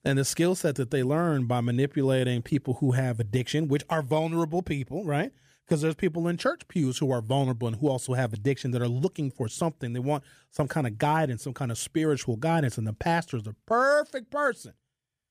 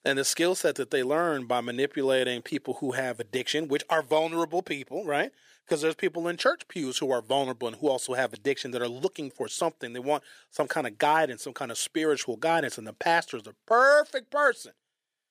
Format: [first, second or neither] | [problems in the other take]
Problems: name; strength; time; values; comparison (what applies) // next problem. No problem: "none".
first | thin; somewhat; fading below 450 Hz